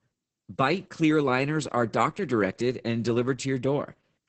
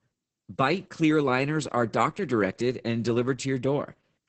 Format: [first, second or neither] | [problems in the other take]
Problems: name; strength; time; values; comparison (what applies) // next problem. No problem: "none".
neither | garbled, watery; badly; nothing above 8 kHz; the same in both